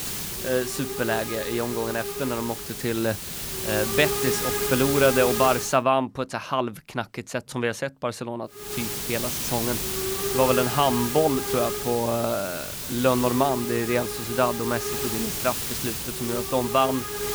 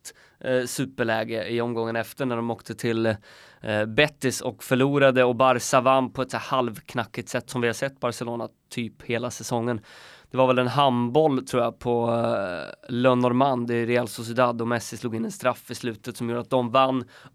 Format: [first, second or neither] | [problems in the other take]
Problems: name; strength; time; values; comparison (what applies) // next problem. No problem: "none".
second | hiss; loud; until 5.5 s and from 8.5 s on; 2 dB below the speech